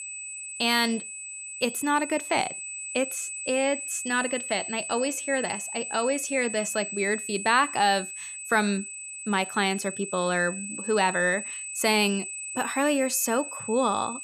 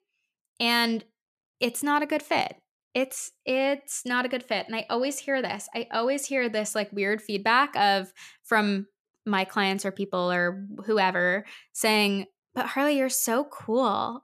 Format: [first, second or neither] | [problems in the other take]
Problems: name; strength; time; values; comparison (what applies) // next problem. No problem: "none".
second | high-pitched whine; loud; throughout; 8 kHz, 7 dB below the speech